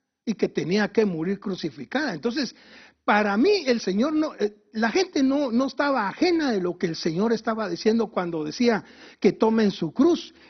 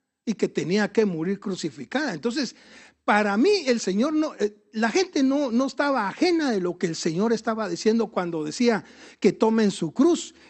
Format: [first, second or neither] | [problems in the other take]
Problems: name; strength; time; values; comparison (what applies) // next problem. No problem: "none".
second | garbled, watery; badly; nothing above 6 kHz; slightly in the second